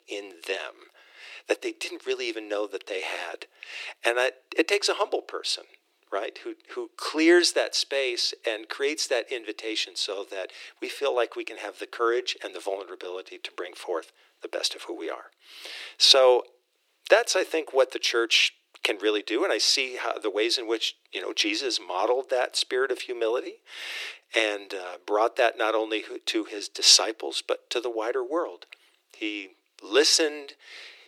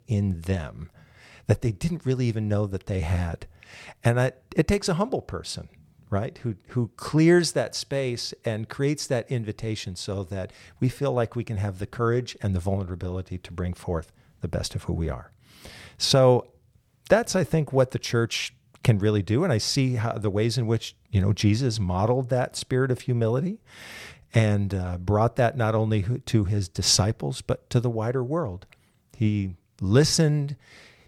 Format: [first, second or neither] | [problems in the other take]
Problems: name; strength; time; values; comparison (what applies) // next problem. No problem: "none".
second | thin; very; fading below 300 Hz